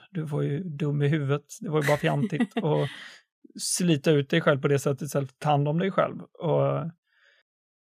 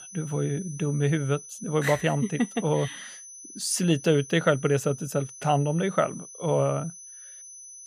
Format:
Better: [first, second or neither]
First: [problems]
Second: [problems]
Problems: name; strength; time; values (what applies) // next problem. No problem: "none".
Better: first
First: none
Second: high-pitched whine; noticeable; throughout; 6 kHz, 15 dB below the speech